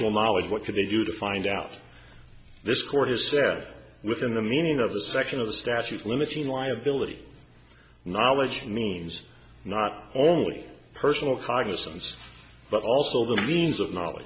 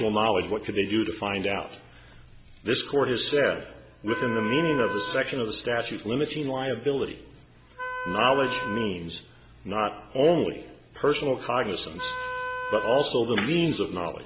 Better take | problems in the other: first | background sound (Wind instrument, woodwind instrument); 6 dB below the speech

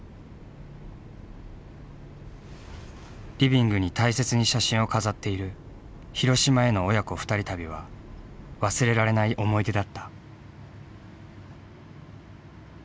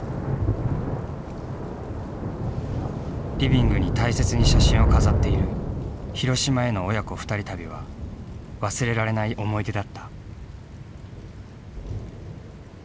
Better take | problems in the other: first | background sound (Thunder / Rain); 3 dB above the speech

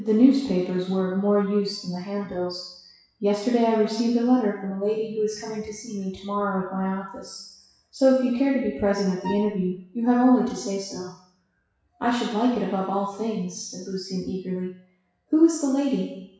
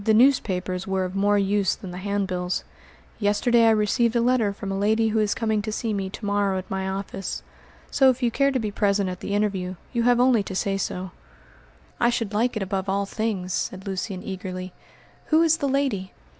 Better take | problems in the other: second | noise reduction (classical method WPE with log-MMSE)

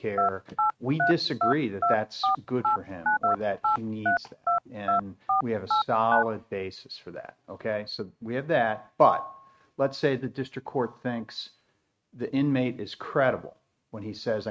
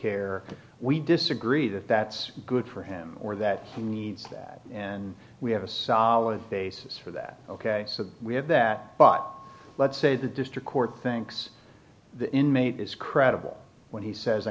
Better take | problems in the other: second | noise reduction (neural mask model RNNoise)

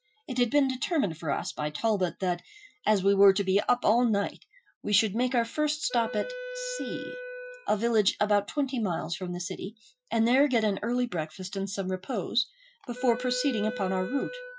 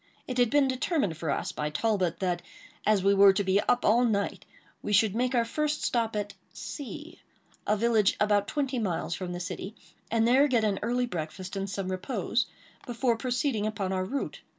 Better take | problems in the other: second | noise reduction (classical method Wiener filter)

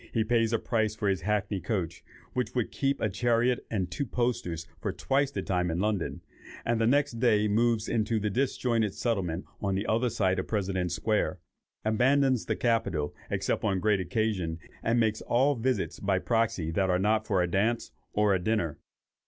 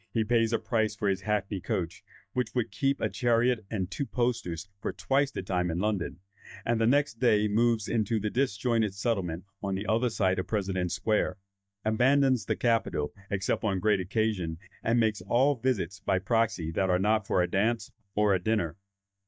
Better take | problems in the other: first | noise reduction (neural mask model DeepFilterNet 3)

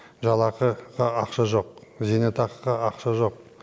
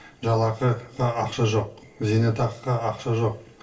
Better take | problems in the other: first | room echo; dies away in 0.2 s

